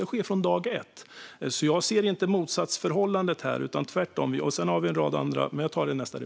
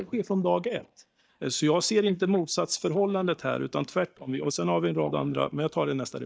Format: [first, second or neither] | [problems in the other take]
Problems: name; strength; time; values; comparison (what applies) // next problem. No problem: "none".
first | noise reduction (neural mask model DeepFilterNet 3)